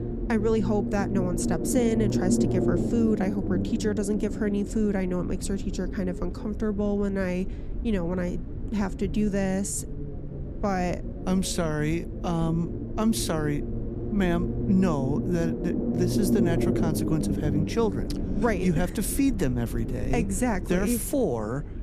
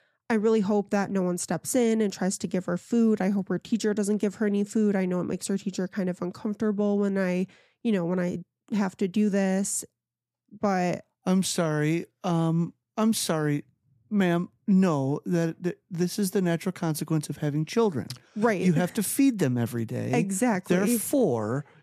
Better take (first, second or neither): second